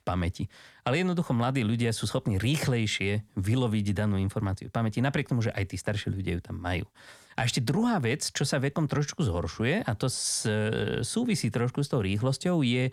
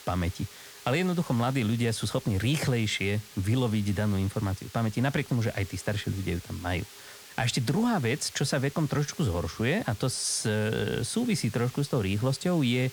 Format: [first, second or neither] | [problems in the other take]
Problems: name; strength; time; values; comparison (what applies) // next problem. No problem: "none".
first | hiss; noticeable; throughout; 15 dB below the speech